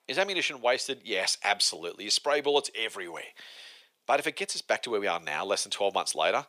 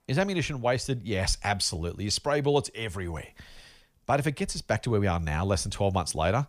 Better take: second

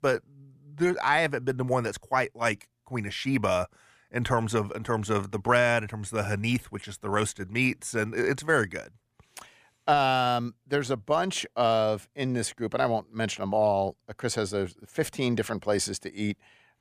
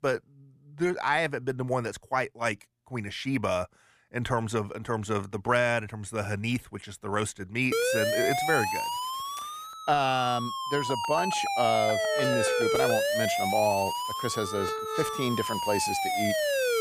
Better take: first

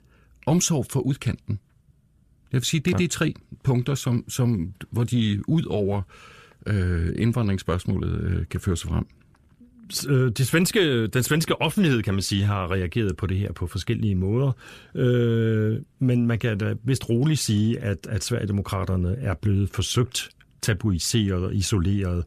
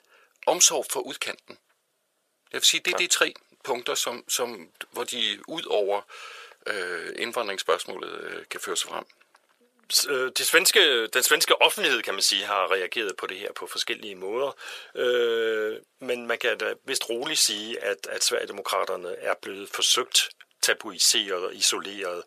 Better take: first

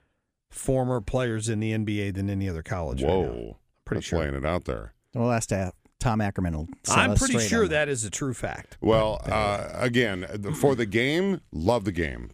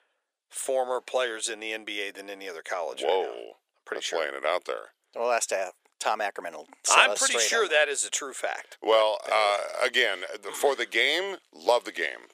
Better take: first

